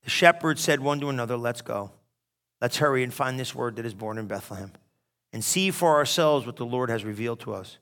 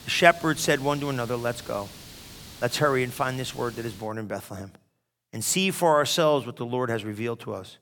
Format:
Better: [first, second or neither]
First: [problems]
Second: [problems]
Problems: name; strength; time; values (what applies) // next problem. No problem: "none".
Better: first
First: none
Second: hiss; noticeable; until 4 s; 20 dB below the speech